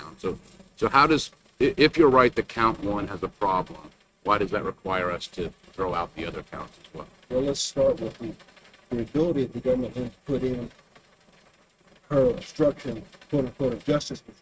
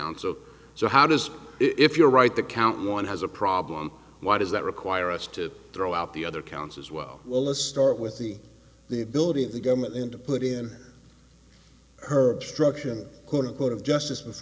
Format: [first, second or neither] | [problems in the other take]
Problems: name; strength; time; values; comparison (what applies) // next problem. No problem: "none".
second | noise reduction (neural mask model RNNoise)